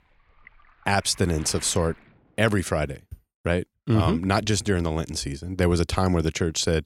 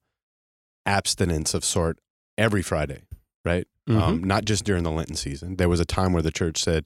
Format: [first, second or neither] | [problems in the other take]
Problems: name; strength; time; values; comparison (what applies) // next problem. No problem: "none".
second | rain or running water; faint; until 2.5 s; 20 dB below the speech